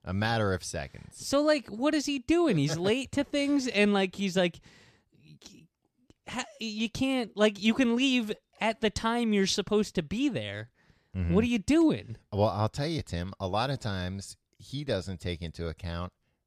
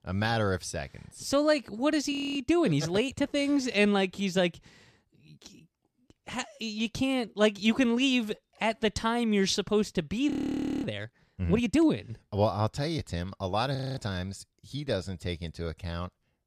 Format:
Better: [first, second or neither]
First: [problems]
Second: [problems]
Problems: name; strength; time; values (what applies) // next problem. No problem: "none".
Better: first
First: none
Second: audio freezing; at 2 s, at 10 s for 0.5 s and at 14 s